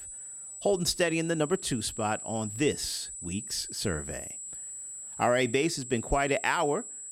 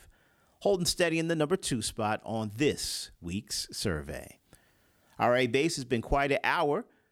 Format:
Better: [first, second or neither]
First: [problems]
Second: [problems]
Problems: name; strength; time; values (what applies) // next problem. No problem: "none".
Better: second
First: high-pitched whine; loud; throughout; 8 kHz, 9 dB below the speech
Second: none